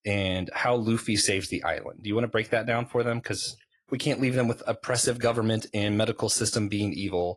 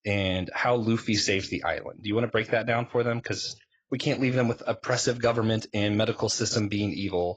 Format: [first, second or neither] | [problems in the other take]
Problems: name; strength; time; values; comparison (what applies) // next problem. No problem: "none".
first | garbled, watery; badly; nothing above 7.5 kHz; slightly in the first